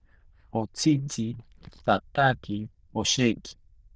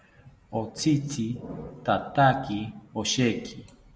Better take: second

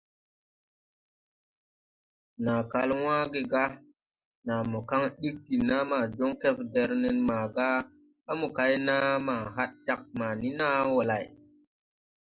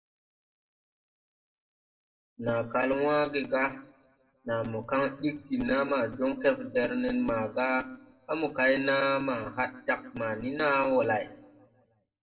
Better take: first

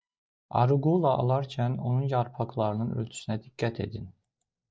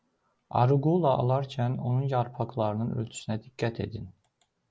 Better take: second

